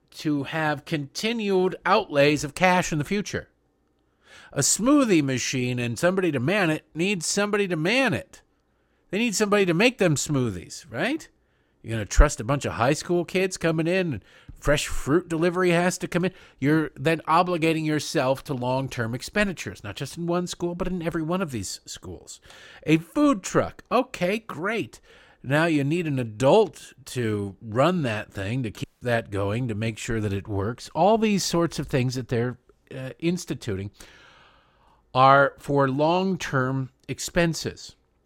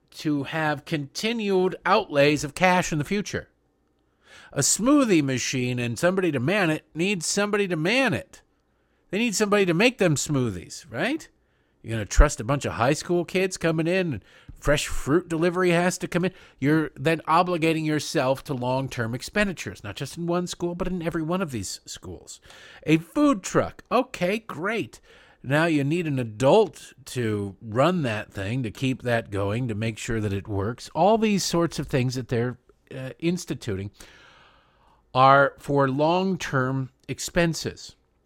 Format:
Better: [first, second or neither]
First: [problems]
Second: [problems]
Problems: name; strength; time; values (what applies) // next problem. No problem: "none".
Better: second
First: audio cutting out; at 29 s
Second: none